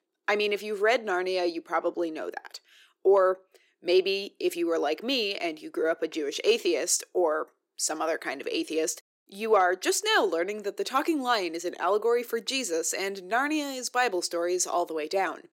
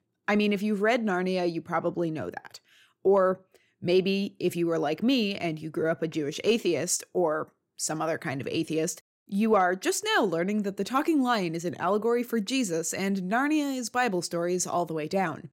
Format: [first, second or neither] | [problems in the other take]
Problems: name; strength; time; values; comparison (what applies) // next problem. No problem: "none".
second | thin; somewhat; fading below 350 Hz